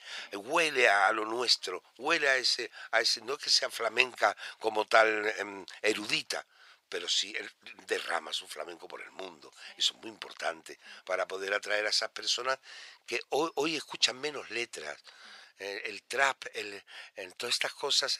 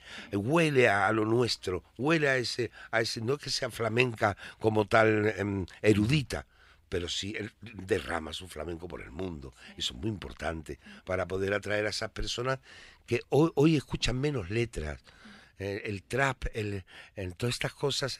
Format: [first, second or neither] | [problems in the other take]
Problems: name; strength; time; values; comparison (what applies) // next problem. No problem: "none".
second | thin; very; fading below 700 Hz